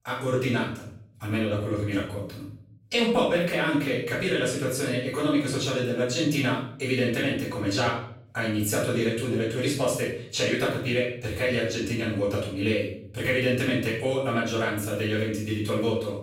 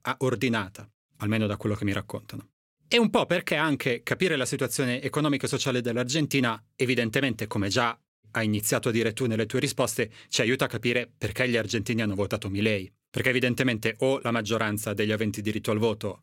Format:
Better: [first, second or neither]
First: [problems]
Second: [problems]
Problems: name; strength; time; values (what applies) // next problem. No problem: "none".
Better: second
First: room echo; noticeable; dies away in 0.6 s // off-mic speech; far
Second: none